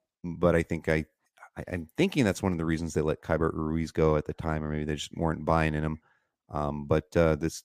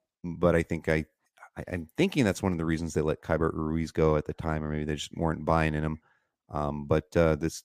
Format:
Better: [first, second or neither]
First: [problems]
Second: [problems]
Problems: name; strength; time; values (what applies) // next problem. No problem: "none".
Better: neither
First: none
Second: none